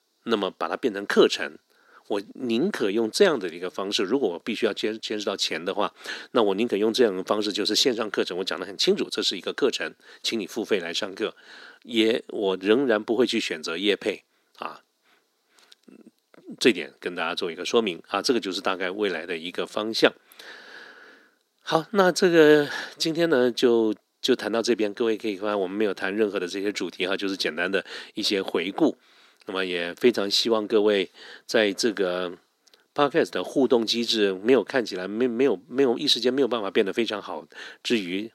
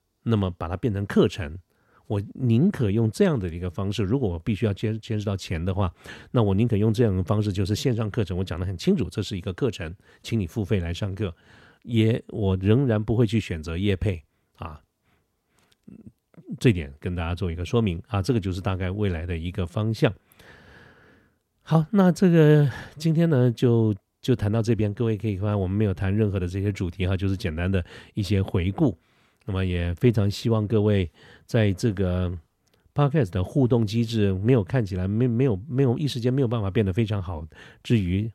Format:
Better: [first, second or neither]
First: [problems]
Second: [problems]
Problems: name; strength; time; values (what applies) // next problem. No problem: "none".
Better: second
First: thin; somewhat; fading below 300 Hz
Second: none